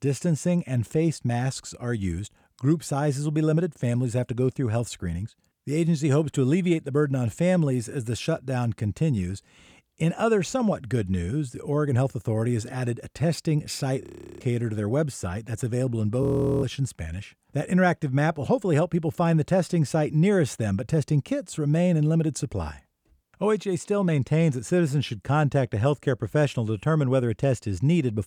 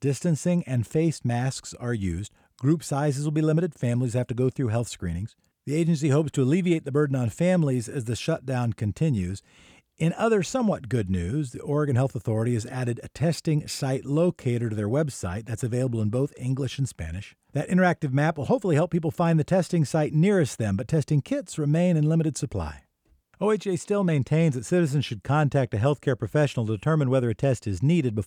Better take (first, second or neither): second